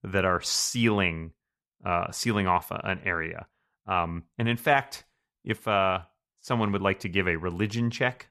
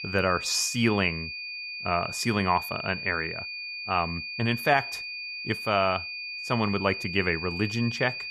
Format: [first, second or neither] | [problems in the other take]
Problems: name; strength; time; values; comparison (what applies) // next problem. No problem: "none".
first | high-pitched whine; loud; throughout; 2.5 kHz, 6 dB below the speech